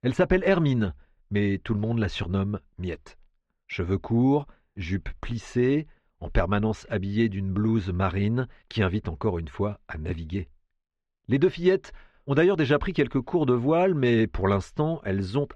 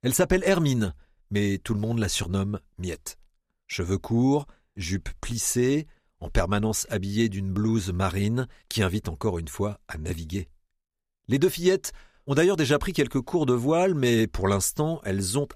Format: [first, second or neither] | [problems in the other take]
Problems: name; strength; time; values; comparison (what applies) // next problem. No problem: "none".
second | muffled; very; fading above 3 kHz